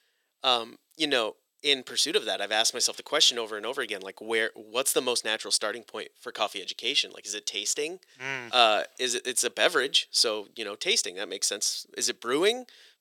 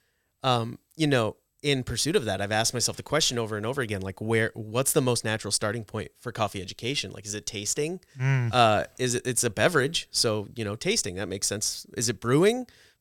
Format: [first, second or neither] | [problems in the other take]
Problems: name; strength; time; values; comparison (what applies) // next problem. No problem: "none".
second | thin; somewhat; fading below 350 Hz